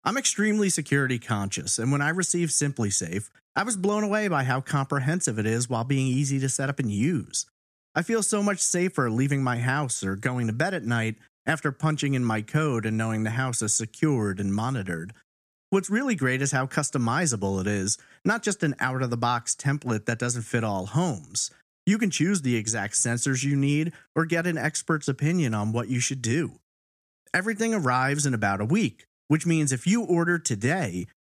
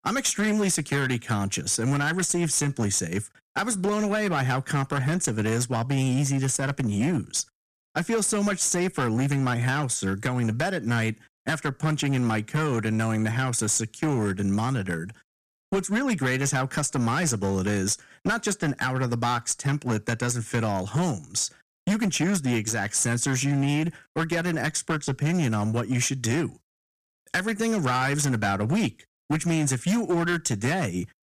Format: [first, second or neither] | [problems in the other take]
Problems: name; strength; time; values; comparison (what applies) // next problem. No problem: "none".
first | distortion; slight; 12% of the sound clipped